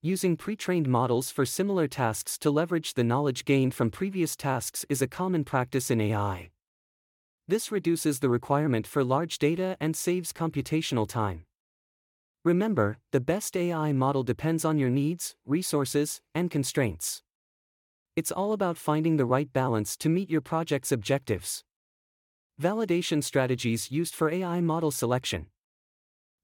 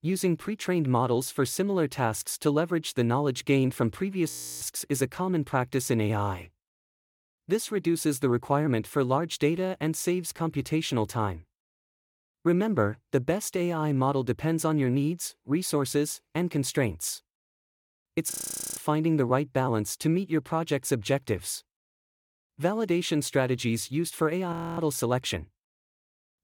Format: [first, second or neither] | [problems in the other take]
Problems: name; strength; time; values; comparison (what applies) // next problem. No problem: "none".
first | audio freezing; at 4.5 s, at 18 s and at 25 s